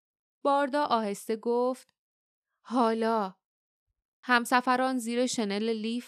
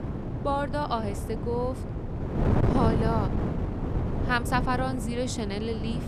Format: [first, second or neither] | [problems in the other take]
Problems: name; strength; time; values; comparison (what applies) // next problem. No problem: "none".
first | wind noise on the microphone; heavy; 6 dB below the speech